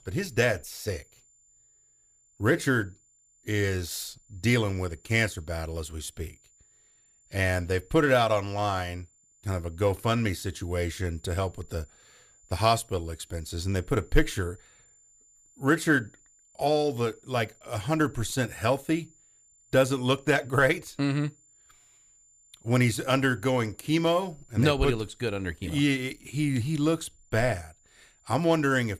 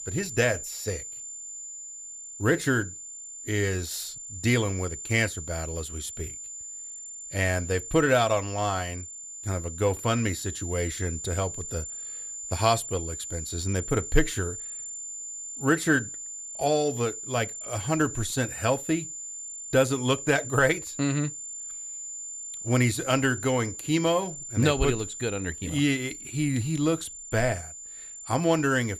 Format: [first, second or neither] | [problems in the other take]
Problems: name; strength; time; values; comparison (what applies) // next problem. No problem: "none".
first | high-pitched whine; loud; throughout; 7 kHz, 9 dB below the speech; faint in the first